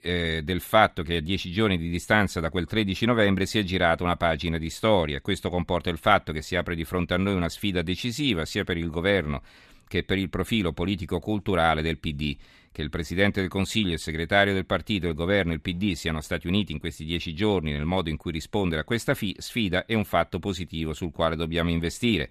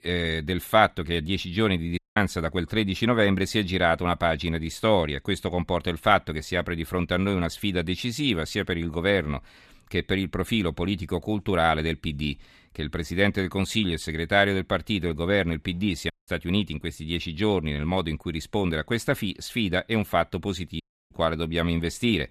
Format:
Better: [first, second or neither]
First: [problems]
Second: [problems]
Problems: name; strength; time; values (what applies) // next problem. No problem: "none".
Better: first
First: none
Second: audio cutting out; at 2 s, at 16 s and at 21 s